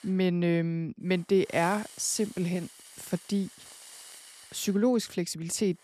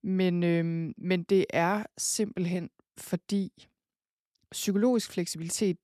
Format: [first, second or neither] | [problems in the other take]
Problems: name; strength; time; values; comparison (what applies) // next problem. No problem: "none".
second | hiss; noticeable; throughout; 20 dB below the speech